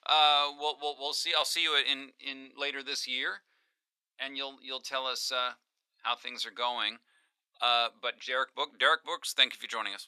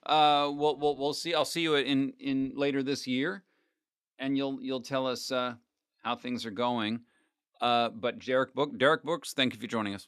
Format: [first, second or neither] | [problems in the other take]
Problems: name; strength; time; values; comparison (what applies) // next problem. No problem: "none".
second | thin; very; fading below 950 Hz